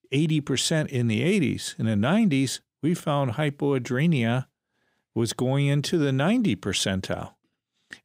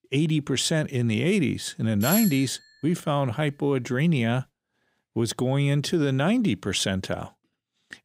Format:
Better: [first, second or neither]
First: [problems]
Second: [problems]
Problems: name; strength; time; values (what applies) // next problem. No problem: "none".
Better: first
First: none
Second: doorbell; noticeable; at 2 s; peak 2 dB below the speech